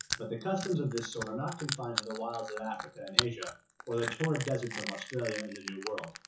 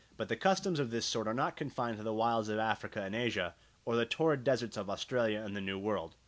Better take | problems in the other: second | noise reduction (classical method WPE with log-MMSE)

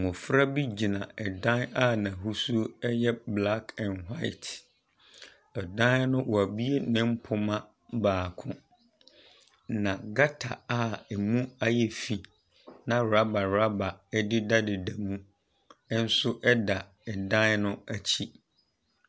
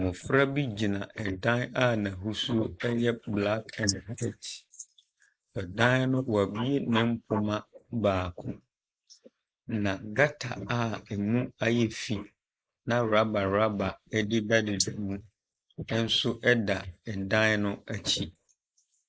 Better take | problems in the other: first | noise reduction (neural mask model Resemble Enhance denoiser)

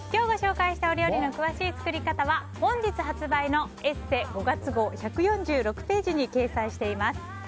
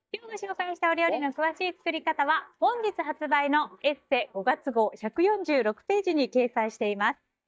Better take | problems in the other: first | noise reduction (neural mask model DeepFilterNet 3)

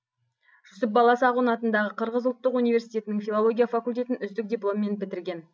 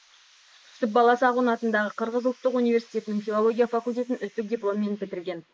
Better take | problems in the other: first | noise reduction (neural mask model Resemble Enhance denoiser)

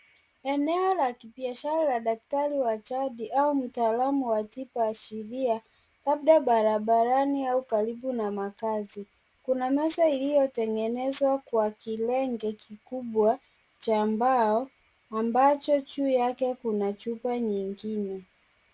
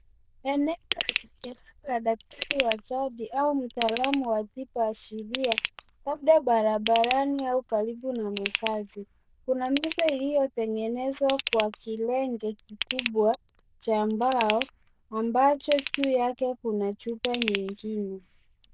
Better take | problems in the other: first | noise reduction (neural diffusion model UNIVERSE++)

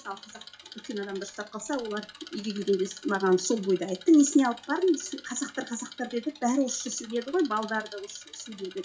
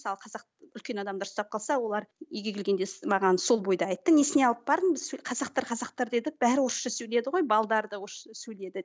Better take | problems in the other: second | noise reduction (classical method WPE with log-MMSE)

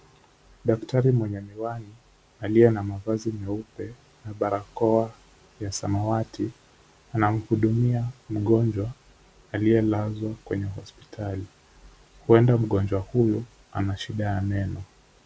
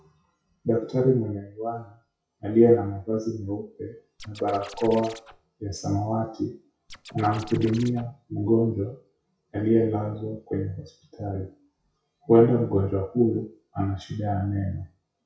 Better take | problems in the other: first | noise reduction (classical method WPE with log-MMSE)

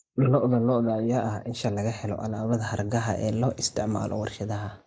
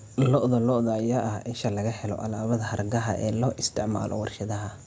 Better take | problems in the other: second | noise reduction (neural mask model Resemble Enhance denoiser)

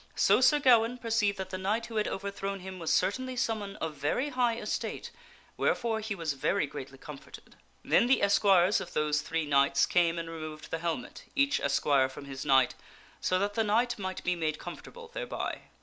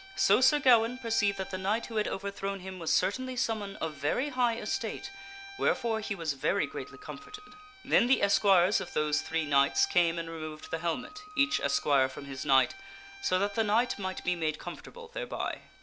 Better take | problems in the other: first | background sound (Wind instrument, woodwind instrument + Bowed string instrument); 18 dB below the speech

